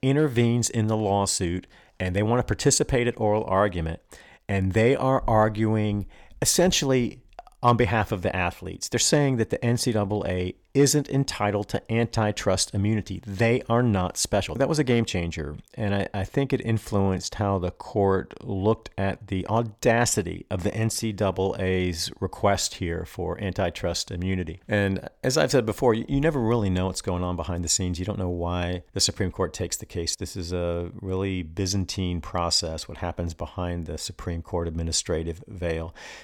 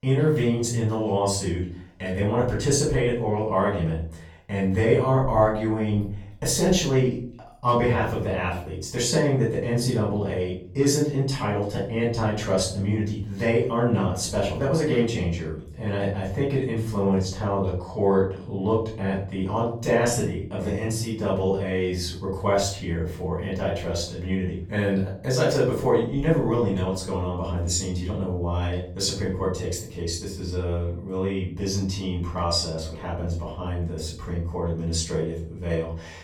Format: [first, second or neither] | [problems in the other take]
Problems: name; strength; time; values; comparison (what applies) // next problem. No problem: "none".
first | off-mic speech; far // room echo; noticeable; dies away in 0.5 s